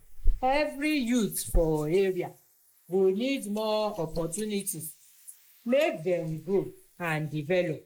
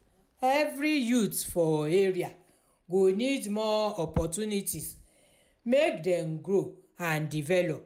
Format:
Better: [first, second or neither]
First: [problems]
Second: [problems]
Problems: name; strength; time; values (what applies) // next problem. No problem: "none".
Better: second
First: noise reduction (neural mask model Resemble Enhance denoiser)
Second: none